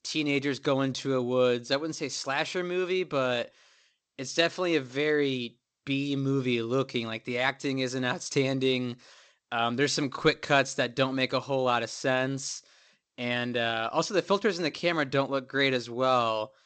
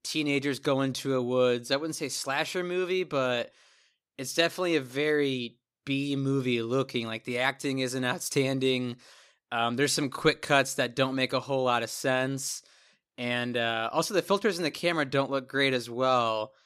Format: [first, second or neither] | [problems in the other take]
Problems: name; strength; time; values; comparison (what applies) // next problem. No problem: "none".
second | garbled, watery; slightly; nothing above 7.5 kHz